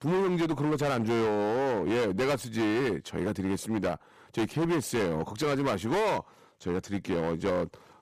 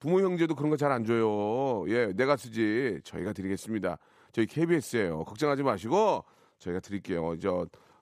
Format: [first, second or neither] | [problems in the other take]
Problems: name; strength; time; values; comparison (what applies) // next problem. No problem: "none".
second | distortion; heavy; 25% of the sound clipped